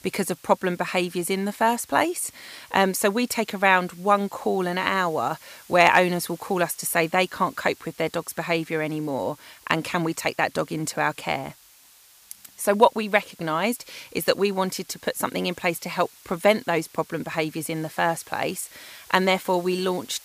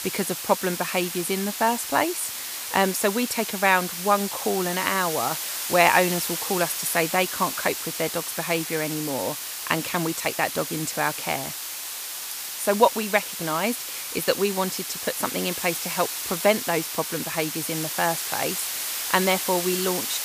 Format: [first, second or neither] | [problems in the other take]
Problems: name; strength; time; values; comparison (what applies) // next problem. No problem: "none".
first | hiss; loud; throughout; 4 dB below the speech; faint in the first